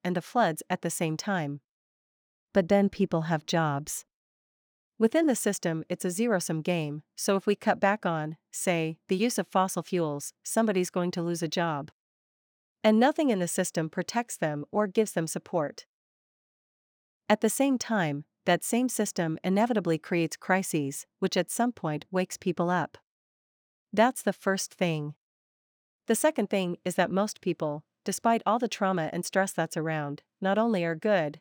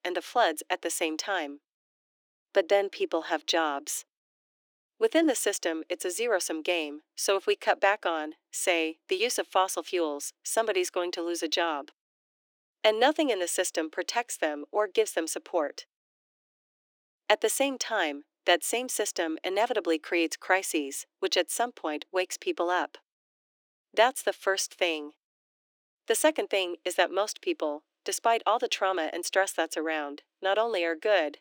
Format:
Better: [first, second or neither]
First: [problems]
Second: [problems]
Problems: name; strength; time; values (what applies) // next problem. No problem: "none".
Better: first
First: none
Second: thin; very; fading below 300 Hz